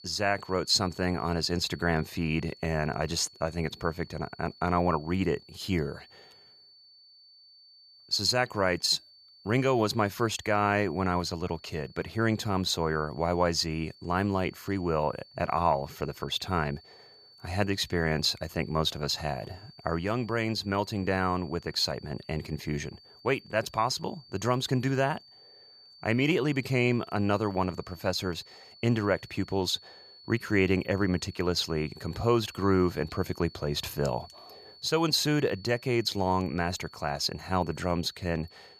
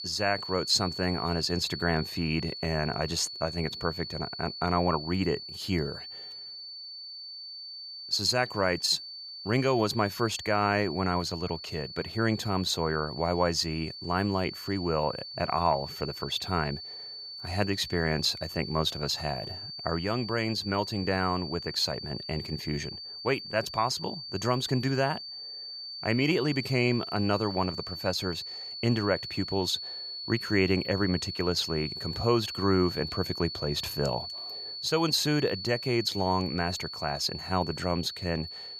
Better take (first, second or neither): first